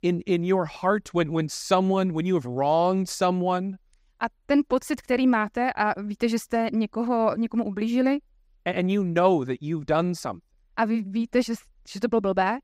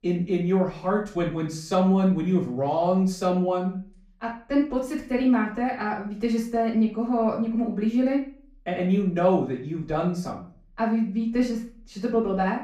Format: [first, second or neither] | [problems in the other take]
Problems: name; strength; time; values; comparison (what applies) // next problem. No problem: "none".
first | off-mic speech; far // room echo; slight; dies away in 0.4 s